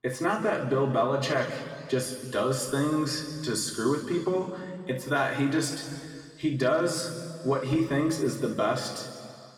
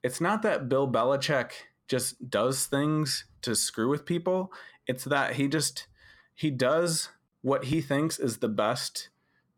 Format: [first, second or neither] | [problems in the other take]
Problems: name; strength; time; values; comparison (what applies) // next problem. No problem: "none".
second | room echo; noticeable; dies away in 2 s // off-mic speech; far